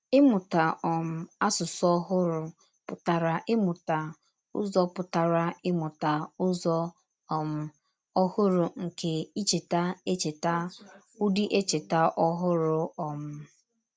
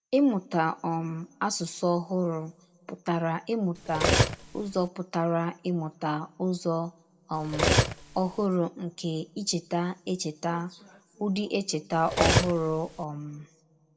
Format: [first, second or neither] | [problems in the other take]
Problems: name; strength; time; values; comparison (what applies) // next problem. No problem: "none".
first | background sound (Cutlery, silverware); 2 dB above the speech // room echo; dies away in 0.7 s